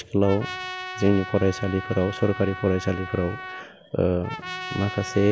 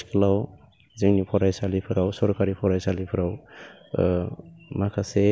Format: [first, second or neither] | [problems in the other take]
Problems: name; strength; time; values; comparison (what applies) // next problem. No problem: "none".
second | background sound (Trumpet); 11 dB below the speech